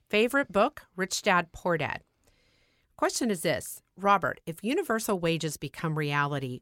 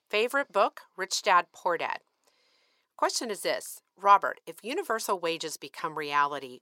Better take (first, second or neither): first